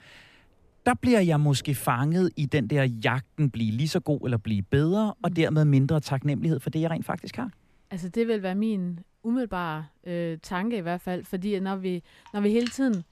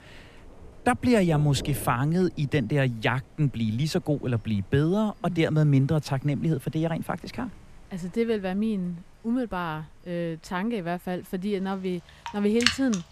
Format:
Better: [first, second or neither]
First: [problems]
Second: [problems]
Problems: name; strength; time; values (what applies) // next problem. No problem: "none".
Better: first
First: rain or running water; faint; throughout; 20 dB below the speech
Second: rain or running water; loud; throughout; 5 dB below the speech